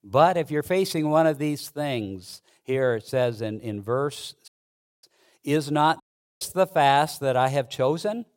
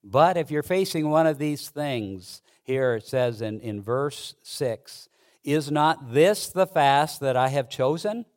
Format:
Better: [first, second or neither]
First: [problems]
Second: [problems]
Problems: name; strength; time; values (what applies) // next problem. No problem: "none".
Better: second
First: audio cutting out; at 4.5 s for 0.5 s and at 6 s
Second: none